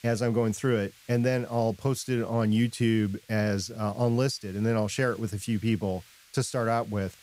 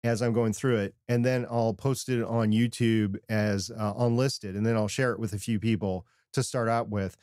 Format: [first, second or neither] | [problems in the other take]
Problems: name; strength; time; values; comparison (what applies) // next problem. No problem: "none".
second | hiss; faint; throughout; 25 dB below the speech